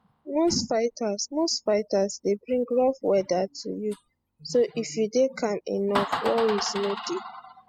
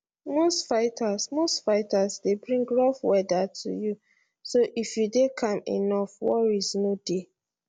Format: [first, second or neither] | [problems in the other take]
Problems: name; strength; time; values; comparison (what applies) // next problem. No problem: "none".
second | noise reduction (classical method spectral subtraction)